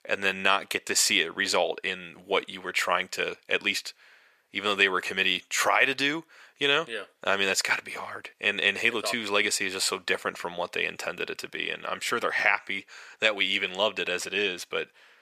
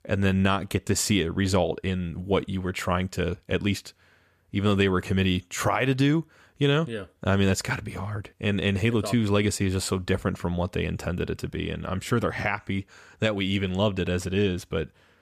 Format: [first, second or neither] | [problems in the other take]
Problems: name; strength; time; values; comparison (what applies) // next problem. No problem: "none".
second | thin; very; fading below 550 Hz